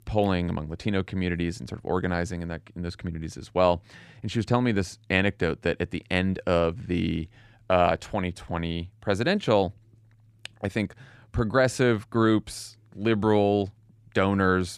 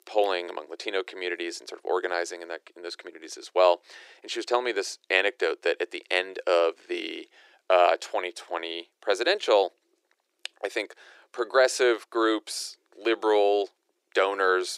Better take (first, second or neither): first